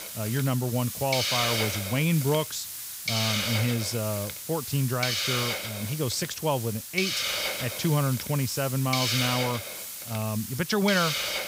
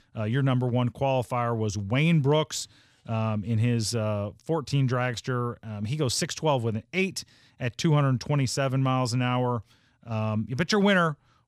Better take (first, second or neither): second